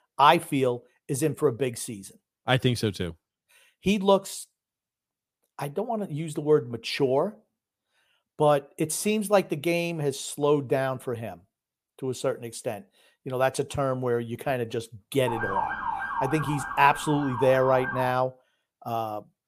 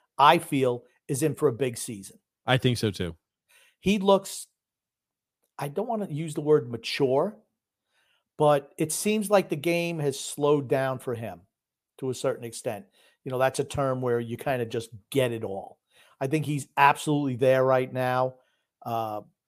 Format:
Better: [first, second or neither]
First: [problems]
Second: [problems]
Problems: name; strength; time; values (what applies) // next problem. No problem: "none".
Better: second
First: siren; noticeable; from 15 to 18 s; peak 2 dB below the speech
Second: none